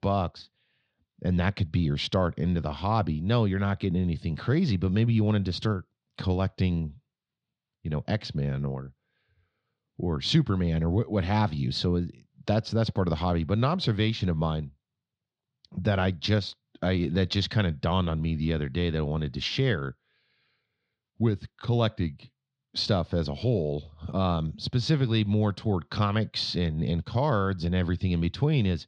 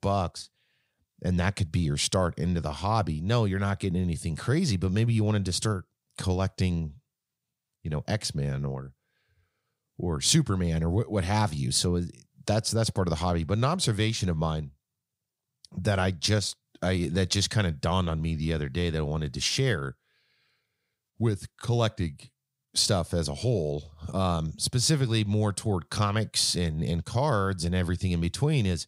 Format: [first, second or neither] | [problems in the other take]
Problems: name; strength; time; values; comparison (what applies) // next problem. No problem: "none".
second | muffled; very slightly; fading above 4 kHz